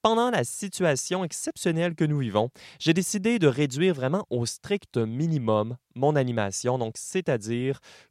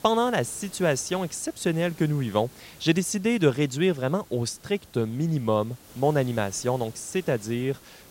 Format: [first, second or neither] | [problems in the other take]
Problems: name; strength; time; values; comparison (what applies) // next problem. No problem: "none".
first | hiss; faint; throughout; 20 dB below the speech